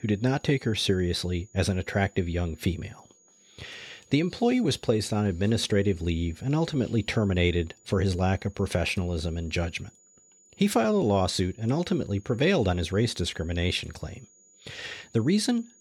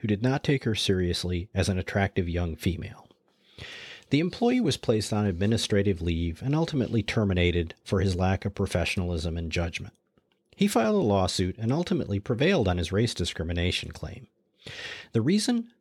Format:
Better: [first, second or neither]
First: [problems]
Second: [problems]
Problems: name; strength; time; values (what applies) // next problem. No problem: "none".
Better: second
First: high-pitched whine; faint; throughout; 7 kHz, 30 dB below the speech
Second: none